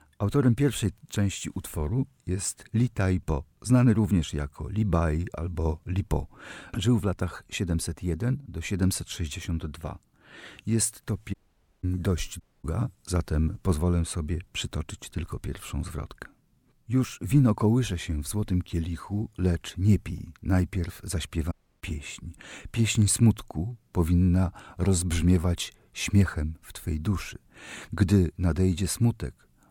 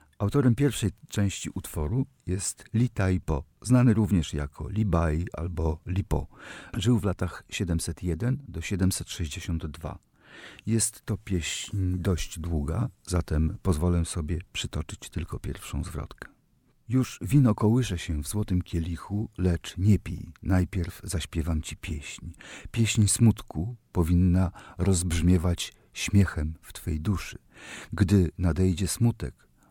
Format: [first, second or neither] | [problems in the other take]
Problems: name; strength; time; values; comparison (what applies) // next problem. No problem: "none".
second | audio cutting out; at 11 s, at 12 s and at 22 s